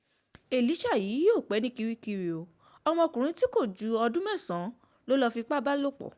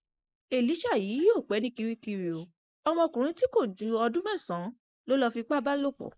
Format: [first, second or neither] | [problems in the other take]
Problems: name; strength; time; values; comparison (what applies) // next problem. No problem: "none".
first | noise reduction (neural mask model Resemble Enhance denoiser)